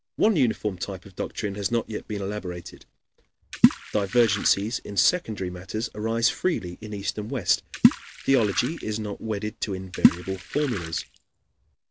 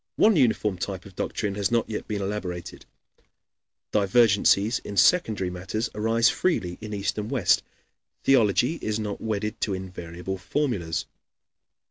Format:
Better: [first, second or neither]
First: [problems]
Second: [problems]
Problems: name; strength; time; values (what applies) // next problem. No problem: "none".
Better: second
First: background sound (Water / Splash, splatter); as loud as the speech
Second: none